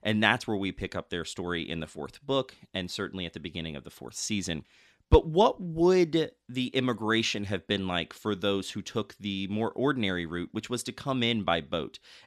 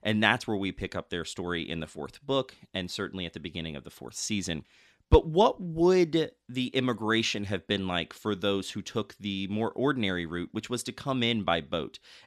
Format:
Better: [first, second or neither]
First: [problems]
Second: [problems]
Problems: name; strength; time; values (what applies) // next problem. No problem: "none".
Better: neither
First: none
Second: none